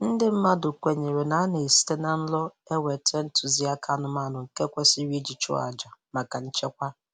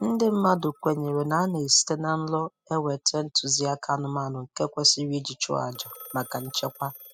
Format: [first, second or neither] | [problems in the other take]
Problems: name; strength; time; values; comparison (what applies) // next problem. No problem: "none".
first | noise reduction (classical method spectral subtraction)